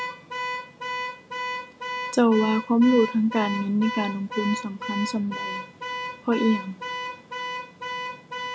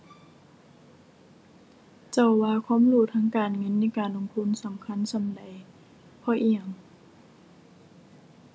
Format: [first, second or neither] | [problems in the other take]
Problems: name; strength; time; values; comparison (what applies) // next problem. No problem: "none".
second | background sound (Alarm / Car); 7 dB below the speech